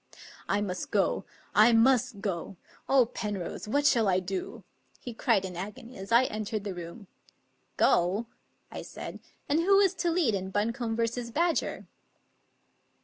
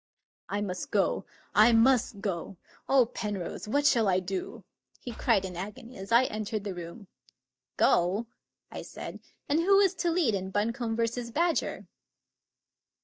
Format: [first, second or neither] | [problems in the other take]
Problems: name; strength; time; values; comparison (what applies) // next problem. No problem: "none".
first | noise reduction (neural mask model DeepFilterNet 3)